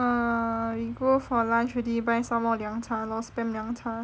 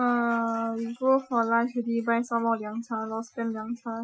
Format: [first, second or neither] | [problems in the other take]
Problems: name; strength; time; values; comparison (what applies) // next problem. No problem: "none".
first | noise reduction (classical method Wiener filter)